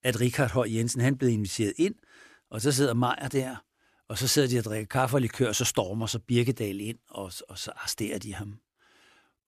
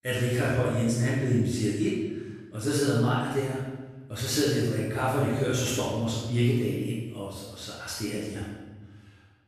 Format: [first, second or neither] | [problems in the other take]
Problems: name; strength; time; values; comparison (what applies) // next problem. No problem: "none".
first | off-mic speech; far // room echo; strong; dies away in 1.2 s